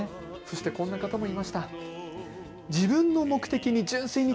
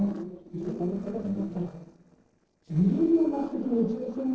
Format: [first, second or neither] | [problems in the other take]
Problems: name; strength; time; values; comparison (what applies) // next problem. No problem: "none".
first | noise reduction (neural separator model SepFormer DNS4)